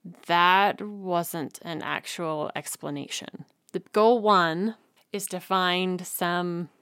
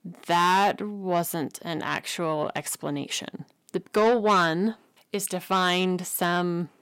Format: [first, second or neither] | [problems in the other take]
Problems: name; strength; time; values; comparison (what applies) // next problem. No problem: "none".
first | distortion; slight; 10 dB below the speech